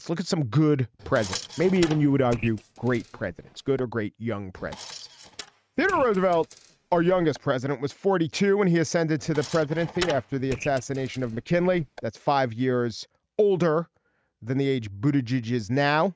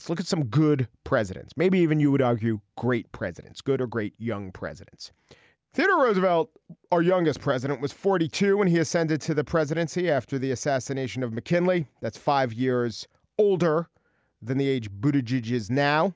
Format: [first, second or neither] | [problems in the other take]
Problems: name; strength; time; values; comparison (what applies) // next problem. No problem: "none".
second | noise reduction (neural mask model RNNoise)